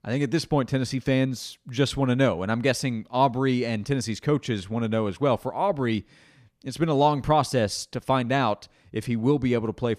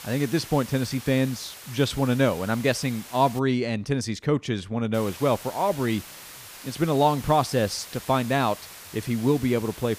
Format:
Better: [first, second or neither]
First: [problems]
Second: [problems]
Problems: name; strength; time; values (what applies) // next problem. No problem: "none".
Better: first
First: none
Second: hiss; noticeable; until 3.5 s and from 5 s on; 15 dB below the speech